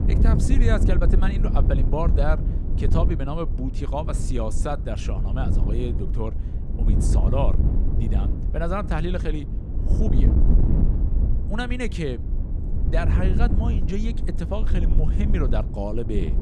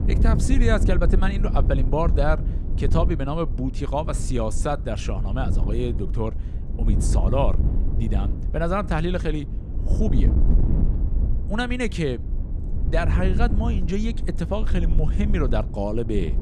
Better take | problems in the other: second | wind noise on the microphone; heavy; 6 dB below the speech; occasional gusts in the second

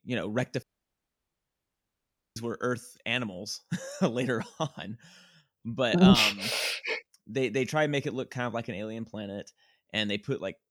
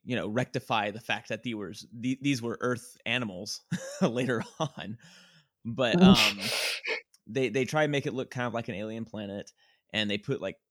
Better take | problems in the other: second | audio cutting out; at 0.5 s for 1.5 s

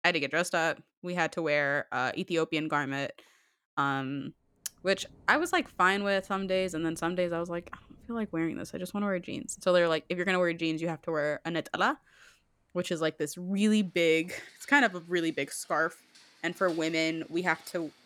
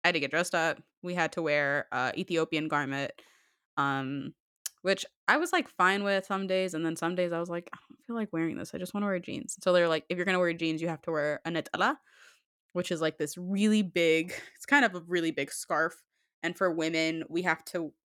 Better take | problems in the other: second | rain or running water; faint; from 4.5 s on; 30 dB below the speech

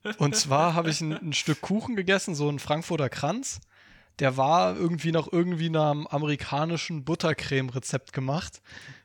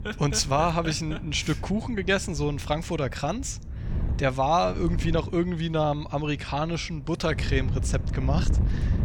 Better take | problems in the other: first | wind noise on the microphone; occasional gusts; 20 dB below the speech

